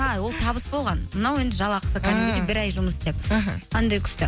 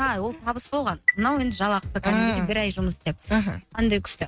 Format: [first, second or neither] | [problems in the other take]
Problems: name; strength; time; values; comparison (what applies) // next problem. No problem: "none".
first | noise reduction (neural mask model RNNoise)